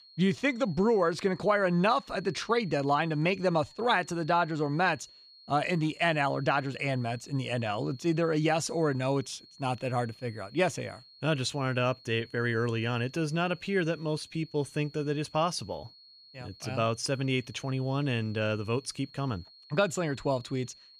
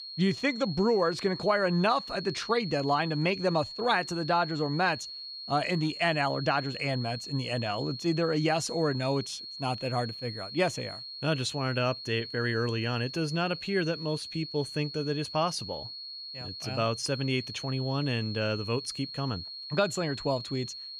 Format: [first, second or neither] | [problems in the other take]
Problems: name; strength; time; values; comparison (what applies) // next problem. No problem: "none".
first | high-pitched whine; loud; throughout; 4.5 kHz, 9 dB below the speech; faint in the first